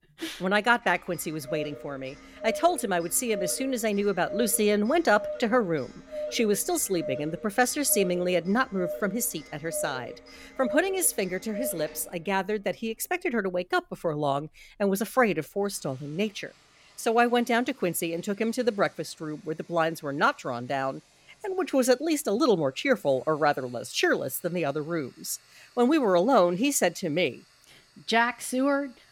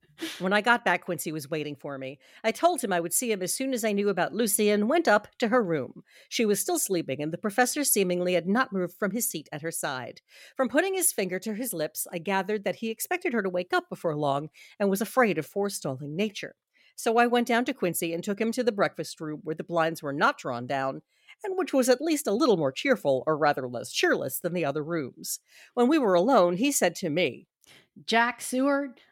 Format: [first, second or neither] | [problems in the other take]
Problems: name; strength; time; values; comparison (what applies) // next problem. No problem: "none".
second | household noises; noticeable; throughout; 15 dB below the speech